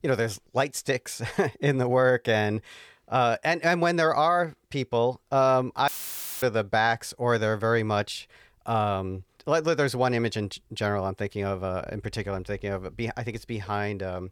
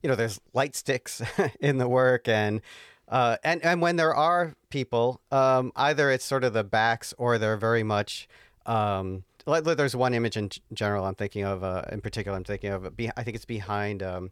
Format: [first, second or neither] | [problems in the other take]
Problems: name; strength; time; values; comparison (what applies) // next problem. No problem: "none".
second | audio cutting out; filled with static; at 6 s for 0.5 s